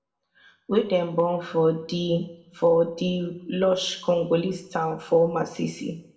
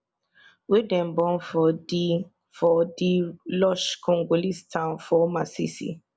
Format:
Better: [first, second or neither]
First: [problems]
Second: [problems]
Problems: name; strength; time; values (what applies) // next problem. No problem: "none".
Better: second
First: room echo; dies away in 0.6 s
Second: none